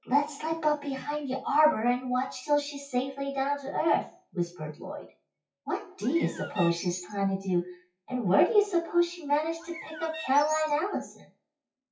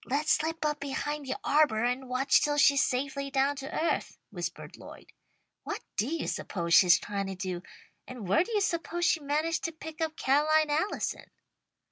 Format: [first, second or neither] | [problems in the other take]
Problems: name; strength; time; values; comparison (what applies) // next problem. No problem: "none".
second | noise reduction (classical method WPE with log-MMSE)